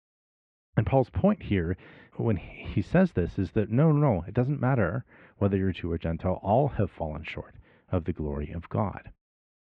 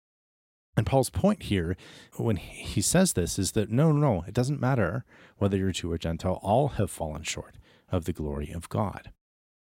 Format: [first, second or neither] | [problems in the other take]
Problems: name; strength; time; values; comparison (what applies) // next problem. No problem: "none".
second | muffled; very; fading above 2.5 kHz